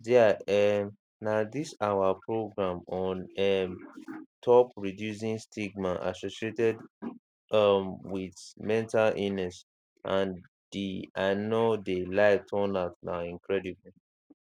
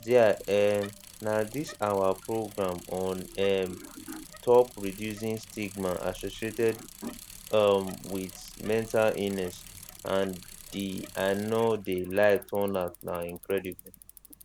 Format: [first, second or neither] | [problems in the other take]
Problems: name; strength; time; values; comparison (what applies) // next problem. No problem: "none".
first | background sound (Bicycle); 19 dB below the speech